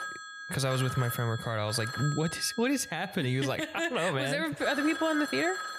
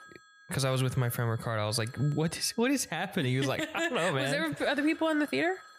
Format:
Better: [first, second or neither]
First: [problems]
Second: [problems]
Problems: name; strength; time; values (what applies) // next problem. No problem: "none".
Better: second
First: alarms or sirens; loud; throughout; 8 dB below the speech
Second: alarms or sirens; faint; throughout; 25 dB below the speech